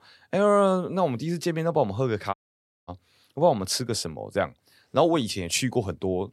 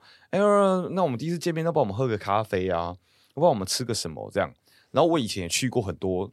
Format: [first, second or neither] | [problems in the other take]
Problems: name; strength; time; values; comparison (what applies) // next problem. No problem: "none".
second | audio cutting out; at 2.5 s for 0.5 s